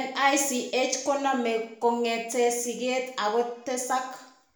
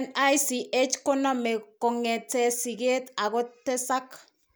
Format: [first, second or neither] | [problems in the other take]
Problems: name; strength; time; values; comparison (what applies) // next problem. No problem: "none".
second | room echo; dies away in 0.6 s